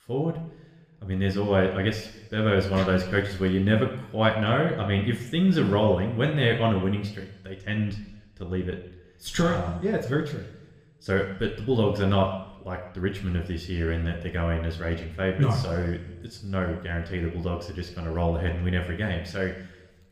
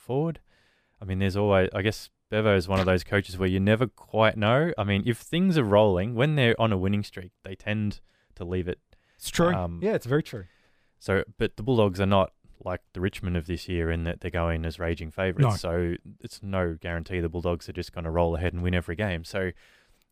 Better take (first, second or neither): second